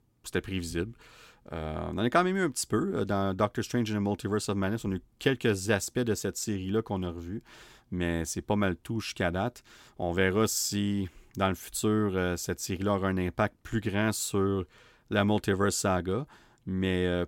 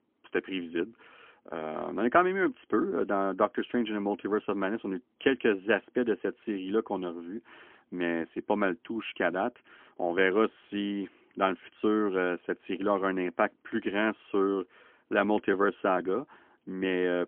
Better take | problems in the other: first | phone-call audio; poor line; nothing above 3.5 kHz

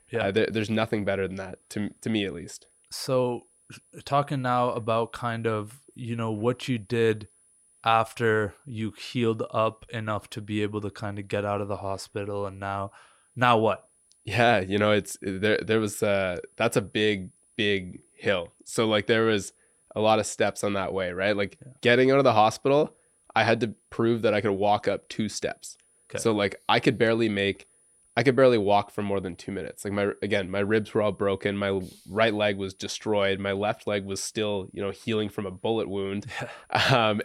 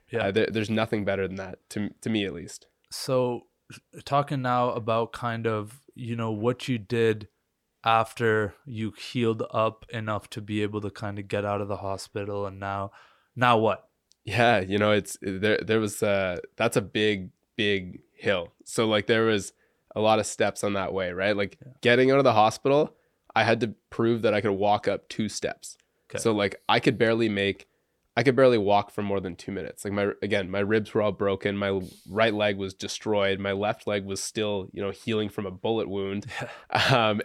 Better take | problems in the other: second | high-pitched whine; faint; throughout; 10 kHz, 35 dB below the speech

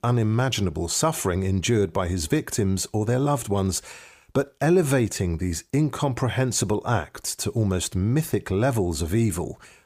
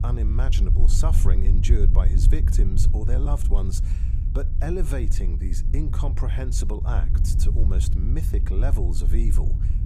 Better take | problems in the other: first | low rumble; loud; throughout; 5 dB below the speech

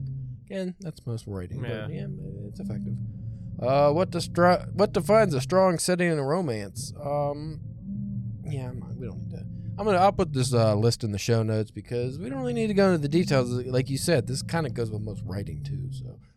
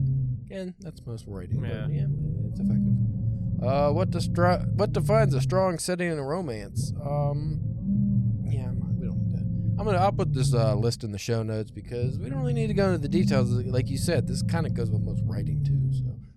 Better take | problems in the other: first | low rumble; loud; throughout; 9 dB below the speech; faint in the first

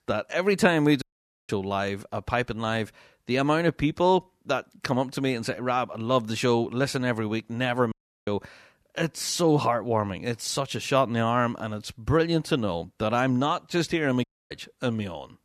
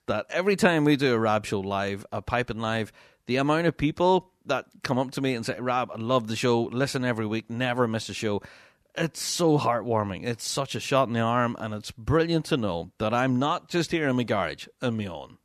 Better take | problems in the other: second | audio cutting out; at 1 s, at 8 s and at 14 s

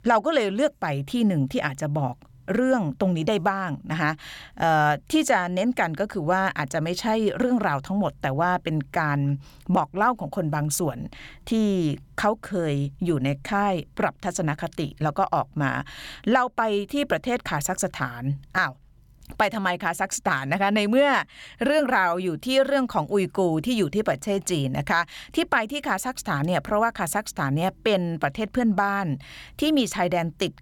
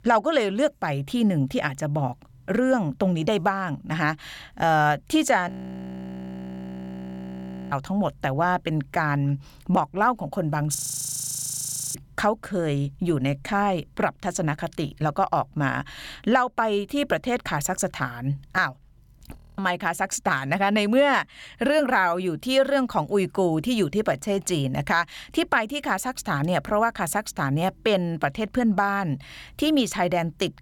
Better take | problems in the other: first | audio freezing; at 5.5 s for 2 s, at 11 s for 1 s and at 19 s

